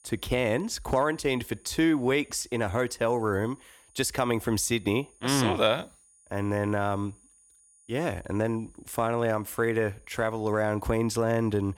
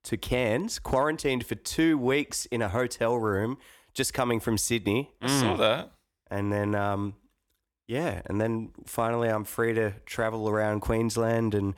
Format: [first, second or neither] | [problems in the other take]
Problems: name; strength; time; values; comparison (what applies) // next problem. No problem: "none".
second | high-pitched whine; faint; throughout; 9.5 kHz, 30 dB below the speech